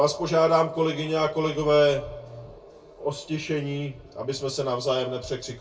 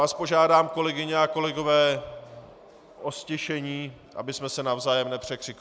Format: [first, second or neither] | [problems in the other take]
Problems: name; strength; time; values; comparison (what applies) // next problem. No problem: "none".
second | room echo; dies away in 0.2 s